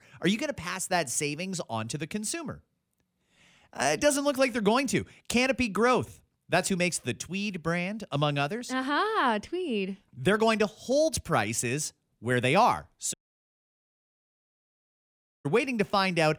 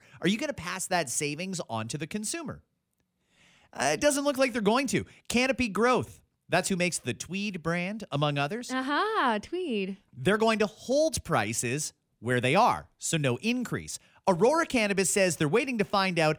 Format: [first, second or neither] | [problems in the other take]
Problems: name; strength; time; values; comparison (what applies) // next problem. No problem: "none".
second | audio cutting out; at 13 s for 2.5 s